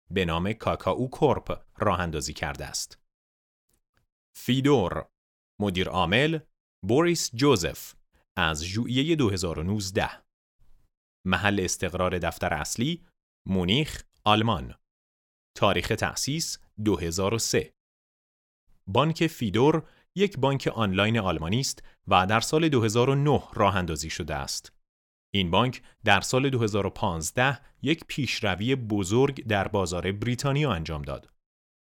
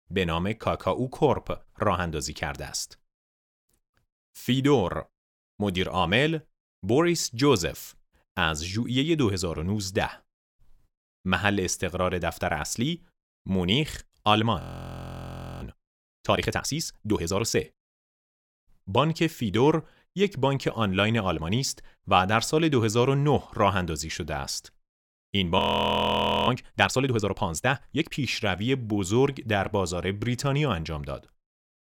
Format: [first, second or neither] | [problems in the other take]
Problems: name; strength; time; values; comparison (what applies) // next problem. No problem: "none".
first | audio freezing; at 15 s for 1 s and at 26 s for 1 s